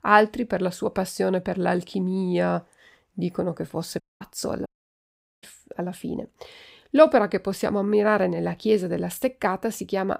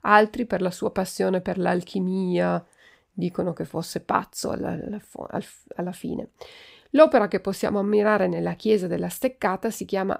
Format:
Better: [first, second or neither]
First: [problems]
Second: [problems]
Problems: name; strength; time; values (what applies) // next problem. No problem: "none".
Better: second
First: audio cutting out; at 4 s and at 4.5 s for 1 s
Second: none